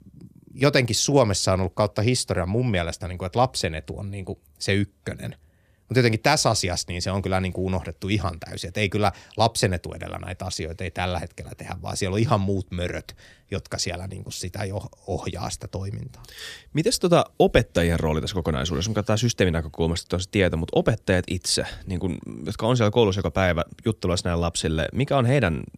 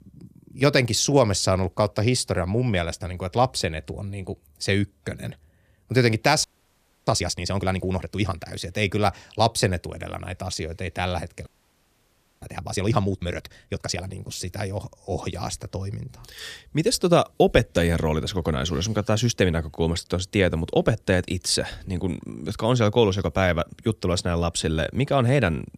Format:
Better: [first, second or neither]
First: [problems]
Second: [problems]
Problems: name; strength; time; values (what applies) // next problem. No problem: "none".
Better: first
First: none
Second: audio freezing; at 6.5 s for 0.5 s and at 11 s for 1 s